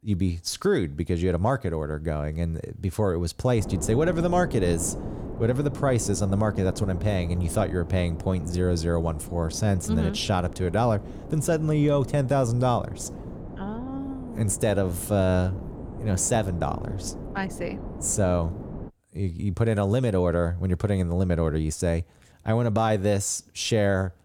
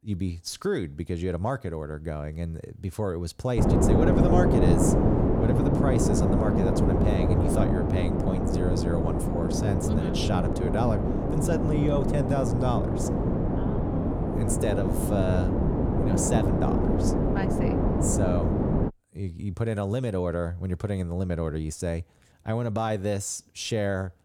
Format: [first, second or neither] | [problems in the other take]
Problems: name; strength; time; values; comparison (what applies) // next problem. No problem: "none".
first | wind noise on the microphone; heavy; from 3.5 to 19 s; 2 dB above the speech; occasional gusts in the first